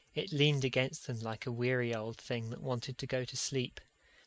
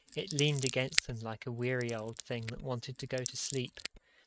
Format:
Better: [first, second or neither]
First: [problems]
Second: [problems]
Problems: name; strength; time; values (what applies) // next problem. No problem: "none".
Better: first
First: none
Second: noise reduction (neural mask model RNNoise)